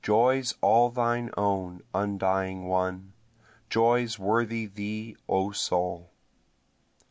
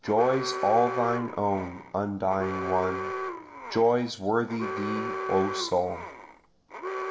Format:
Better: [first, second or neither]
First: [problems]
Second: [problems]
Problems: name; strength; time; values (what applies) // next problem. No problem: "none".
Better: first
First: none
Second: background sound (Alarm); 7 dB below the speech // room echo; dies away in 0.6 s